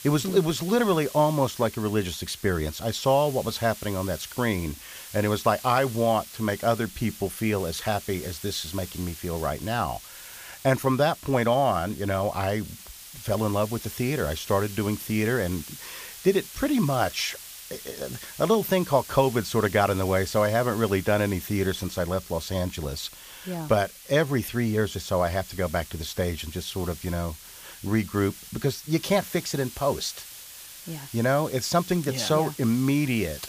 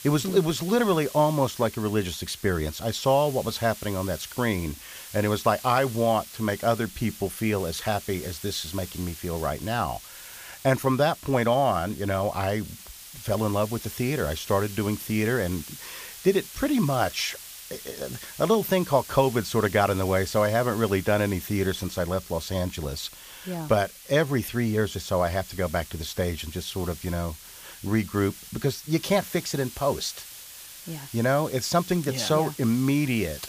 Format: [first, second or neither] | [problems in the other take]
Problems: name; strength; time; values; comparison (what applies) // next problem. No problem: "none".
neither | hiss; noticeable; throughout; 15 dB below the speech; the same in both